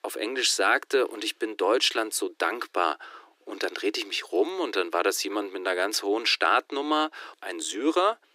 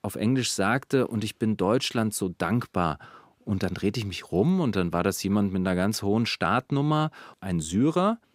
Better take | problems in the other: second | thin; very; fading below 300 Hz

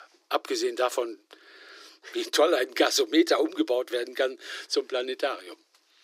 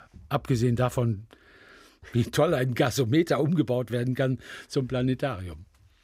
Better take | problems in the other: second | thin; very; fading below 300 Hz

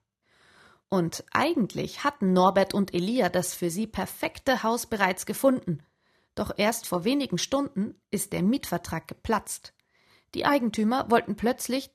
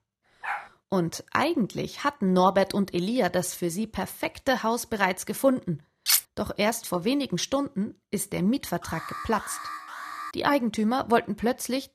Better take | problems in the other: first | dog barking; noticeable; at 0.5 s; peak 7 dB below the speech // clattering dishes; loud; at 6 s; peak 5 dB above the speech // alarm; noticeable; from 9 to 10 s; peak 9 dB below the speech

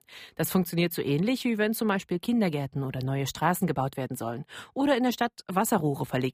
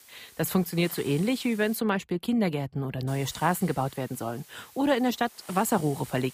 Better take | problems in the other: first | hiss; noticeable; until 2 s and from 3 s on; 20 dB below the speech

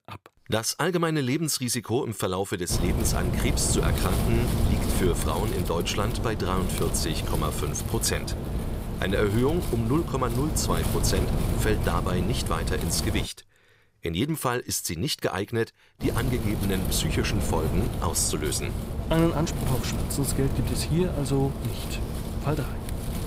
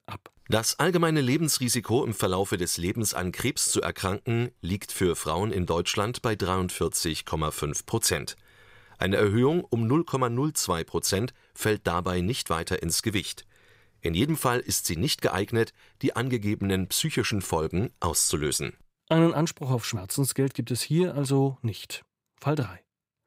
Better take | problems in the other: second | wind noise on the microphone; heavy; from 2.5 to 13 s and from 16 s on; 6 dB below the speech

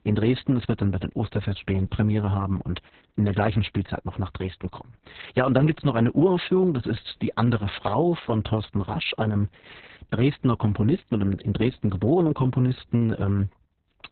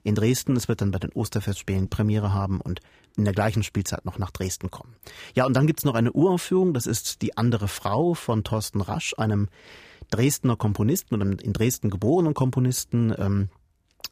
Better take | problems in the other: second | garbled, watery; badly; nothing above 4 kHz

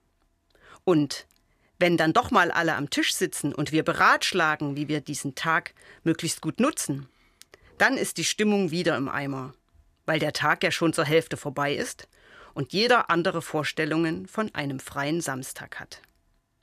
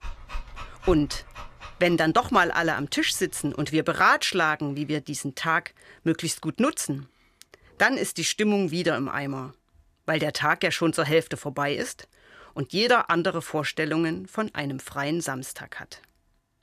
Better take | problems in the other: first | dog barking; faint; until 2.5 s; peak 10 dB below the speech

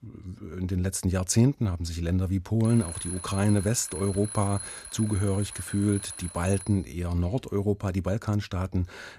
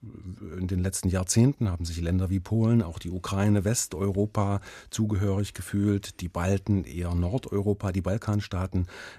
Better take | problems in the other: second | alarm; noticeable; from 2.5 to 7 s; peak 7 dB below the speech

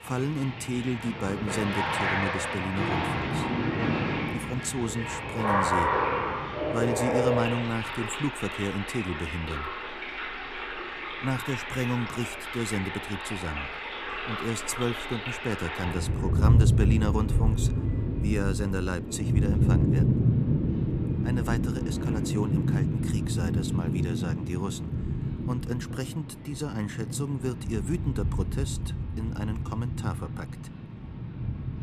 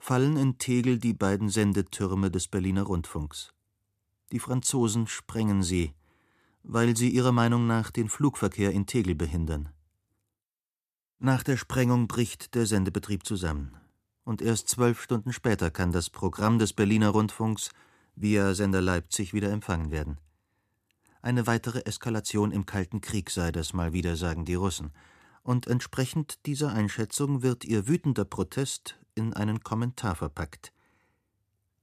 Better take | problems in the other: second | rain or running water; very loud; throughout; 4 dB above the speech

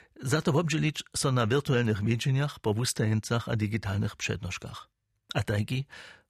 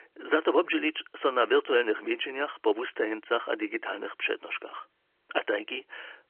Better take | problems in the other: first | phone-call audio; nothing above 3 kHz

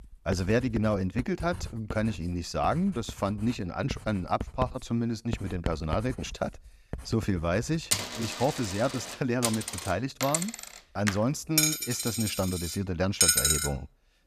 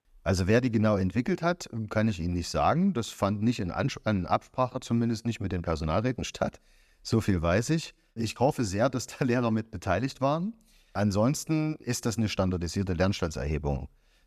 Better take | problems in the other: second | household noises; loud; throughout; as loud as the speech

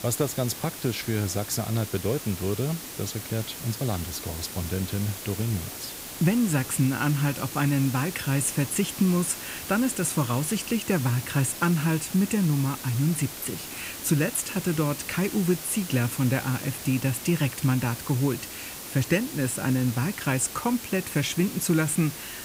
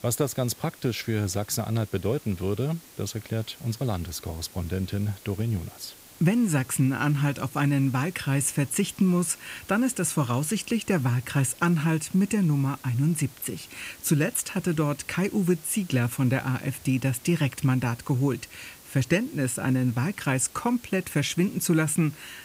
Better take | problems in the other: second | hiss; loud; throughout; 9 dB below the speech; faint in the second

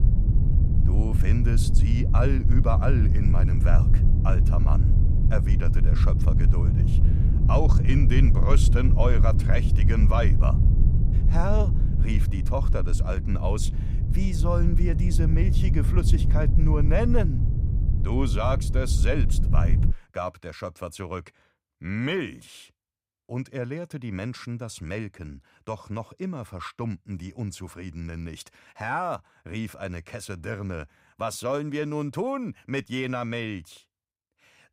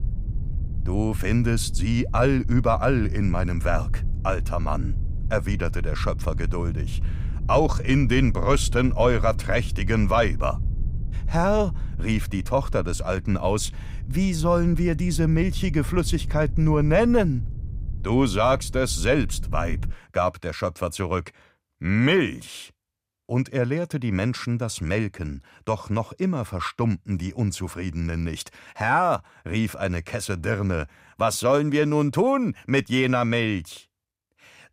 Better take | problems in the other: second | low rumble; loud; until 20 s; 5 dB below the speech; faint in the second

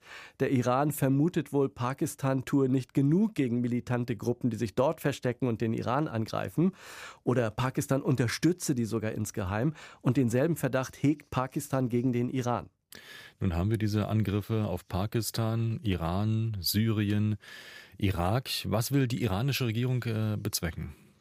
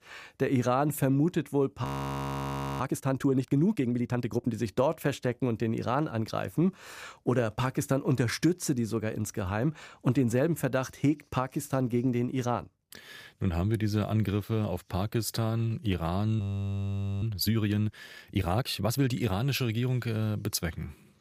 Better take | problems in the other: first | audio freezing; at 2 s for 1 s and at 16 s for 1 s

